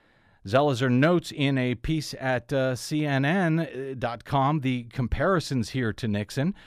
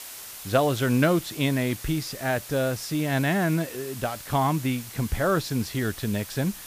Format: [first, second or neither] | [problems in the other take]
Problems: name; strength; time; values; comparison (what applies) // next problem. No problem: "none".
first | hiss; noticeable; throughout; 15 dB below the speech